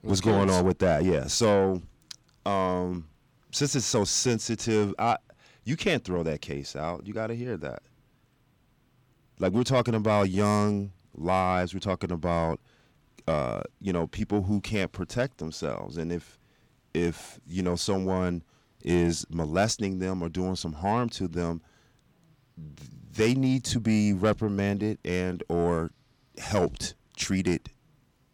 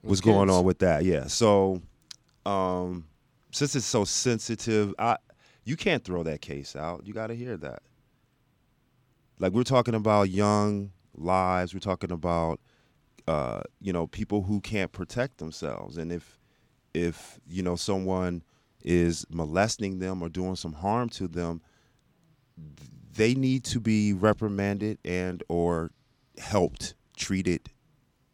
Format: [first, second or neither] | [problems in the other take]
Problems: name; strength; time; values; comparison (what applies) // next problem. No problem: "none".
second | distortion; slight; 10 dB below the speech